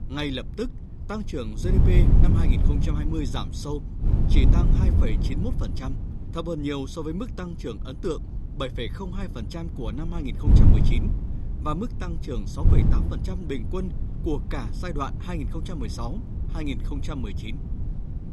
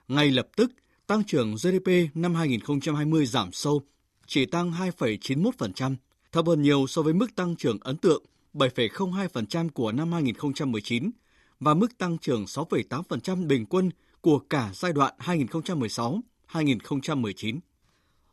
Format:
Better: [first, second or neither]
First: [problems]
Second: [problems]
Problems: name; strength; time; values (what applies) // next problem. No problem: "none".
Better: second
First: wind noise on the microphone; heavy; 4 dB below the speech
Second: none